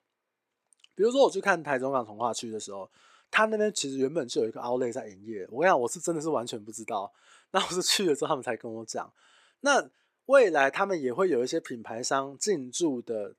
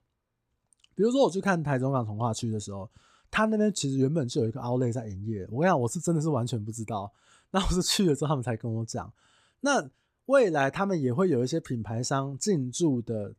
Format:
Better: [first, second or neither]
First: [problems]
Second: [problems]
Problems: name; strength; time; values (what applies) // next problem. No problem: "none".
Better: second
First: thin; somewhat; fading below 400 Hz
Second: none